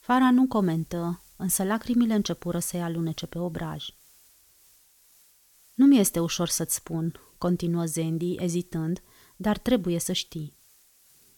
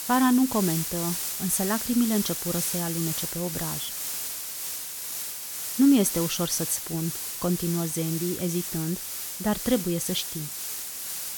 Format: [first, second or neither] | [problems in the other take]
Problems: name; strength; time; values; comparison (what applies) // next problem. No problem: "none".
first | hiss; loud; throughout; 3 dB below the speech; faint in the first